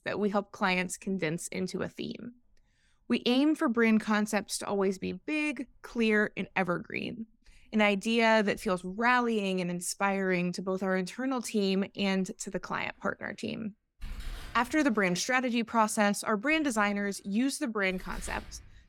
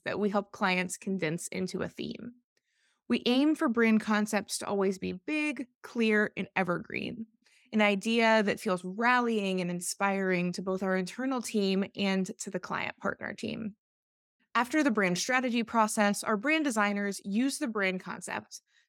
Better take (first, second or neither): second